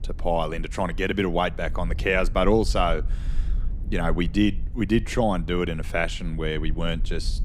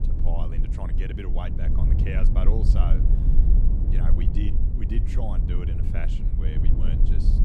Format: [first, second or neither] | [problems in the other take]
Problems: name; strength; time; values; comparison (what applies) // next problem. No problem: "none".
first | low rumble; loud; throughout; 1 dB below the speech; faint in the first